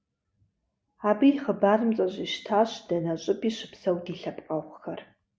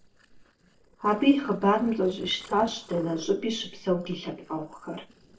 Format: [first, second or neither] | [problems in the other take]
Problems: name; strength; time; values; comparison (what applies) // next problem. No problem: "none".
first | noise reduction (neural separator model SepFormer DNS4)